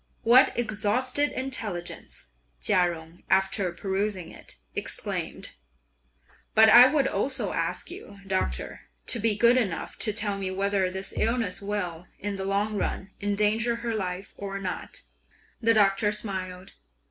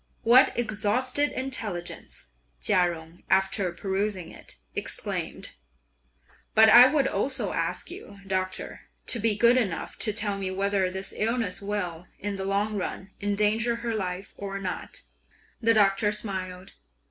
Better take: second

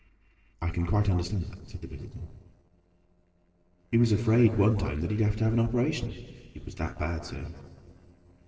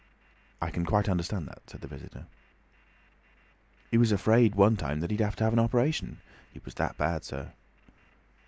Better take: second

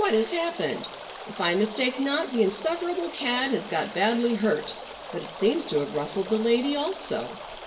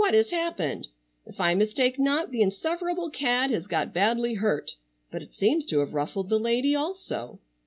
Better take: second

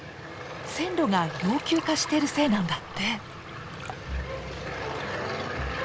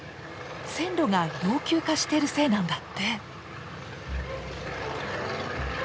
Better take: second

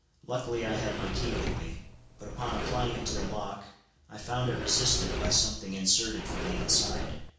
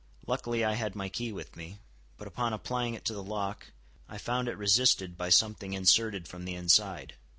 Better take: second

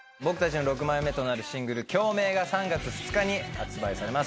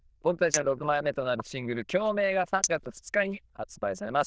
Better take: first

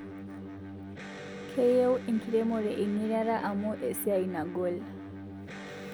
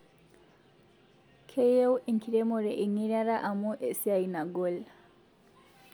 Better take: second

